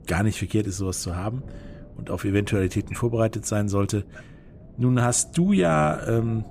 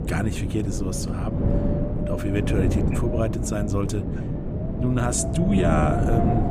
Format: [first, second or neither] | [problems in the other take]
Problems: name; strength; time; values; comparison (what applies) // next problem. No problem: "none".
first | wind noise on the microphone; heavy; 2 dB below the speech; occasional gusts in the first